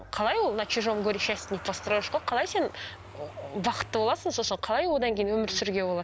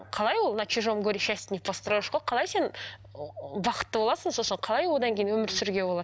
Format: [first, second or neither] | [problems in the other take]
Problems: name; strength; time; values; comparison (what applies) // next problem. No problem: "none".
second | background sound (Engine starting / Motor vehicle (road)); 18 dB below the speech